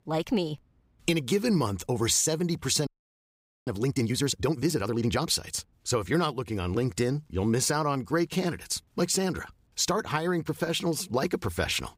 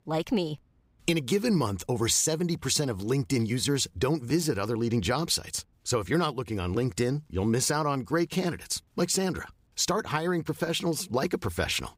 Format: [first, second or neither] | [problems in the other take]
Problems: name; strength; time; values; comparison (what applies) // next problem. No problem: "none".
second | audio freezing; at 3 s for 1 s